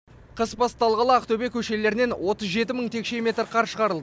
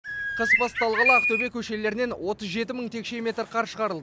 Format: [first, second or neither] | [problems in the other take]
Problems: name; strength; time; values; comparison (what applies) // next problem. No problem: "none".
first | background sound (Bird); 4 dB above the speech